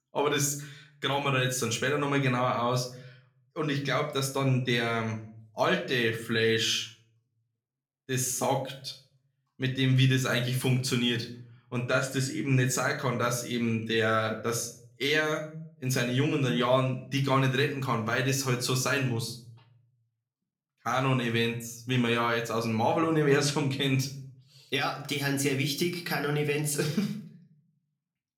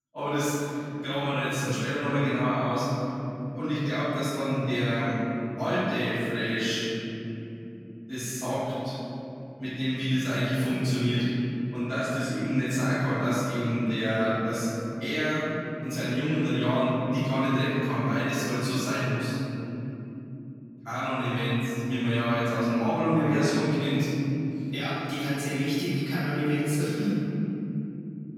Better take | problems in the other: first | room echo; strong; dies away in 3 s; slight in the first // off-mic speech; far; somewhat distant in the first

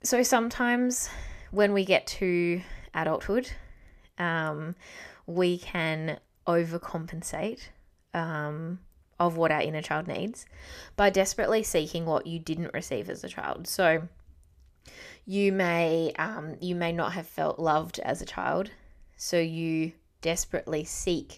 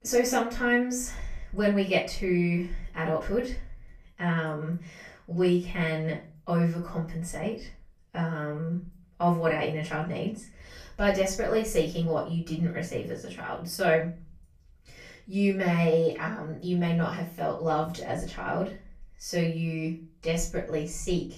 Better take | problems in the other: first | off-mic speech; far // room echo; slight; dies away in 0.3 s

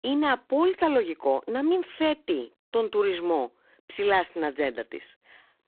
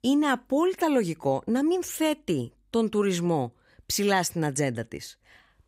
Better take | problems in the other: second | phone-call audio; poor line

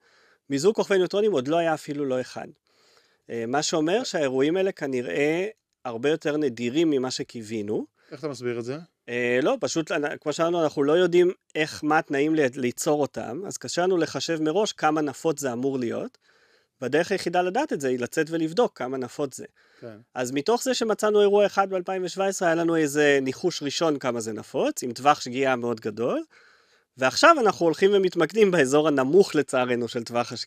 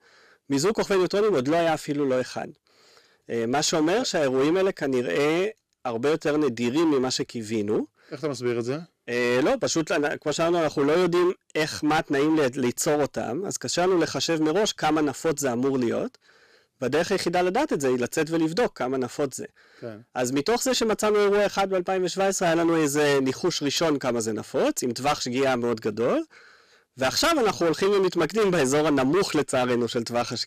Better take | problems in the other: first | distortion; heavy; 16% of the sound clipped

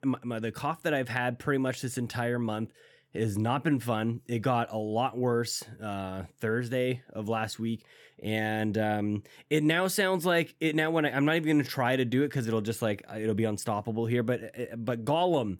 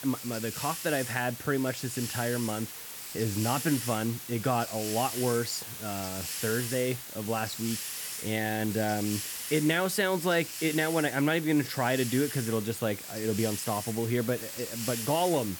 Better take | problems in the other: first | hiss; loud; throughout; 6 dB below the speech

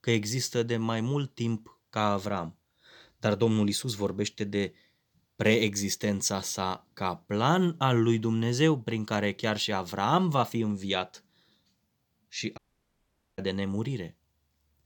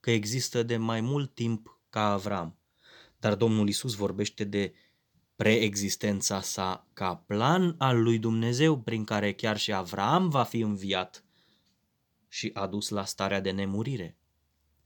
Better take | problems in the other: second | audio cutting out; at 13 s for 1 s

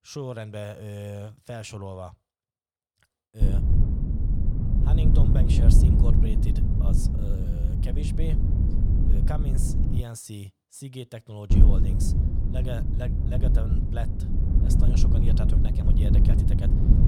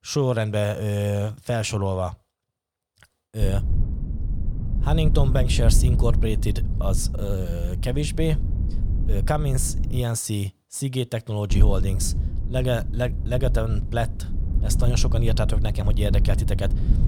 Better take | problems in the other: second | wind noise on the microphone; heavy; from 3.5 to 10 s and from 12 s on; 3 dB above the speech; occasional gusts in the second

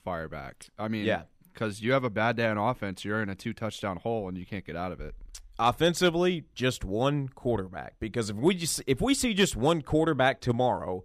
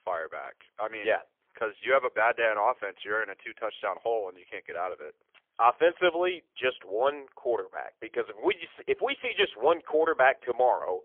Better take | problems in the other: first | phone-call audio; poor line; nothing above 3.5 kHz

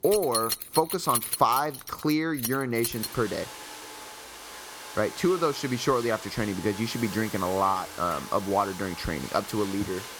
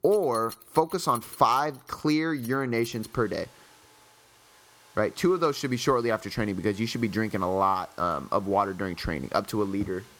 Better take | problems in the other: second | household noises; loud; throughout; 7 dB below the speech; faint in the second

